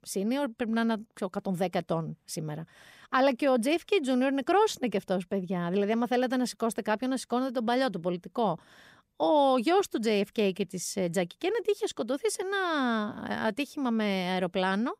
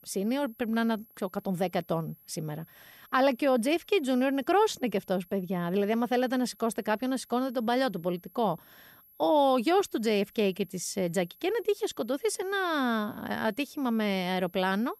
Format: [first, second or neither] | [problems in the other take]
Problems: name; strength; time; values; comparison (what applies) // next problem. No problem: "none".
first | high-pitched whine; faint; throughout; 11.5 kHz, 25 dB below the speech